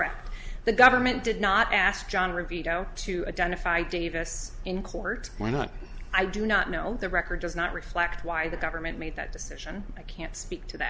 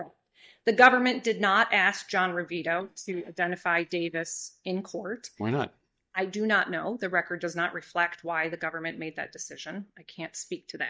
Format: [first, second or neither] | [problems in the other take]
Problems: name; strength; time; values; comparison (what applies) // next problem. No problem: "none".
first | noise reduction (neural mask model DeepFilterNet 3)